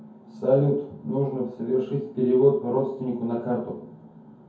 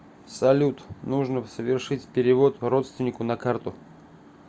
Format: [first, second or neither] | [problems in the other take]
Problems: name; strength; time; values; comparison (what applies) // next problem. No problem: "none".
second | room echo; dies away in 0.6 s